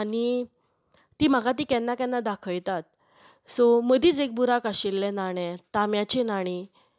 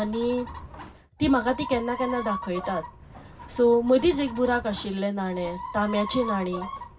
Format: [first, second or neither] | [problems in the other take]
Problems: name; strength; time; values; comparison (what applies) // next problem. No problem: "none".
first | background sound (Chicken, rooster); 12 dB below the speech // room echo; dies away in 0.4 s